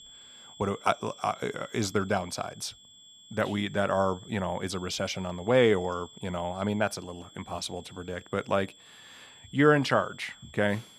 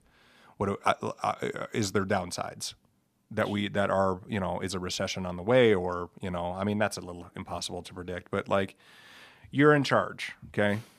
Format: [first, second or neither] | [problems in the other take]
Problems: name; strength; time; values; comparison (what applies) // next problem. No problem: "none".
second | high-pitched whine; faint; throughout; 3.5 kHz, 20 dB below the speech